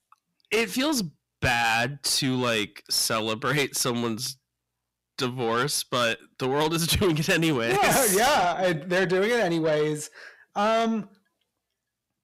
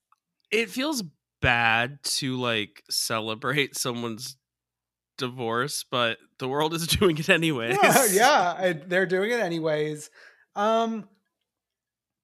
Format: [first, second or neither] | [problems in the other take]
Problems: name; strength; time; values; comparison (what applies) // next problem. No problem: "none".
second | distortion; heavy; 7 dB below the speech